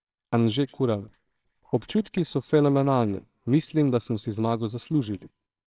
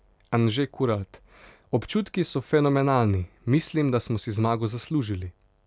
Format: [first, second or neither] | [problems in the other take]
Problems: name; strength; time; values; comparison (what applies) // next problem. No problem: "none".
second | noise reduction (neural separator model SepFormer WHAMR!)